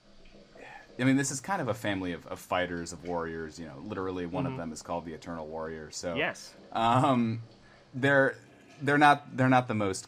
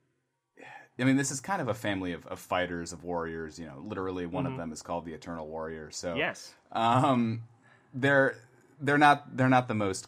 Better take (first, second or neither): second